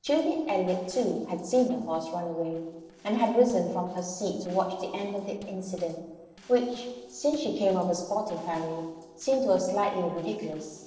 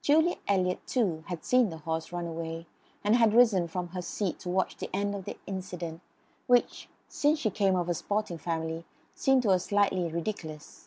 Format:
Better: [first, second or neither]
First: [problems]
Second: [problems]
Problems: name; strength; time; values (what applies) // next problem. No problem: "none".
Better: second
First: noise reduction (neural separator model SepFormer DNS4)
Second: none